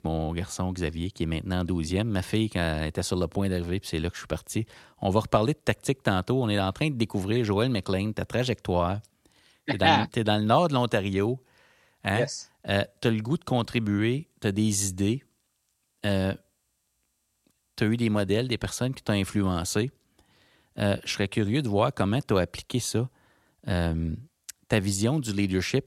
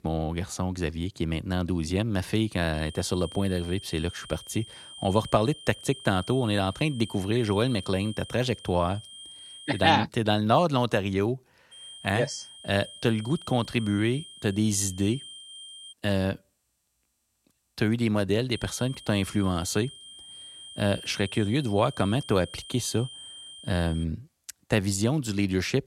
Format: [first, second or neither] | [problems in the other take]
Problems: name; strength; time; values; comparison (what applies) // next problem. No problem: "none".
first | high-pitched whine; noticeable; from 2.5 to 10 s, from 12 to 16 s and from 19 to 24 s; 3 kHz, 15 dB below the speech